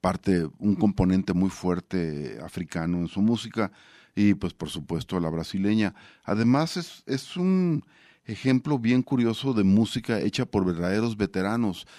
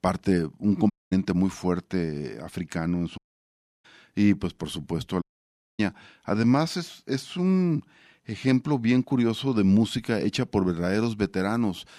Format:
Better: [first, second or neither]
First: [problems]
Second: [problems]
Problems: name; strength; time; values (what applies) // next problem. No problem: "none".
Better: first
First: none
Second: audio cutting out; at 1 s, at 3 s for 0.5 s and at 5 s for 0.5 s